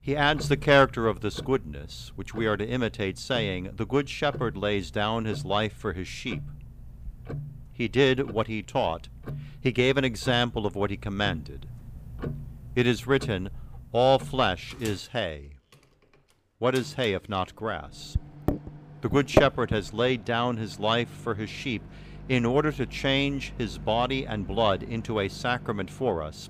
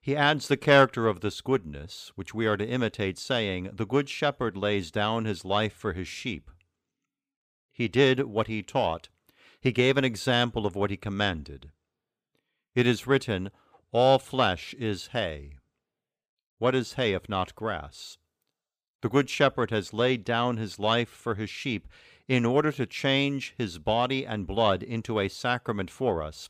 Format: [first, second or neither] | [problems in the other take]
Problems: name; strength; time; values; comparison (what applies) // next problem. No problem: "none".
second | household noises; noticeable; throughout; 10 dB below the speech